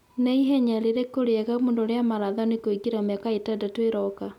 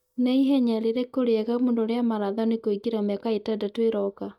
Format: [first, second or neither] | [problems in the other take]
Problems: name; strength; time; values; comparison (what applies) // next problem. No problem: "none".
first | noise reduction (neural mask model DeepFilterNet 3)